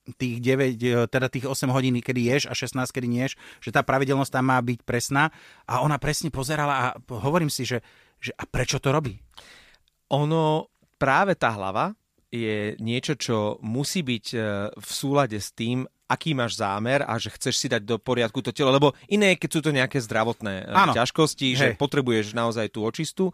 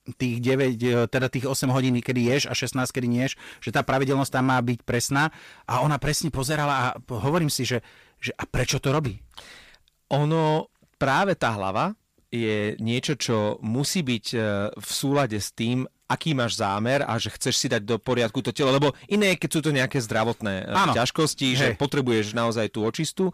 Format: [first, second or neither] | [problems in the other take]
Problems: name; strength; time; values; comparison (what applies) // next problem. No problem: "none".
first | distortion; slight; 10 dB below the speech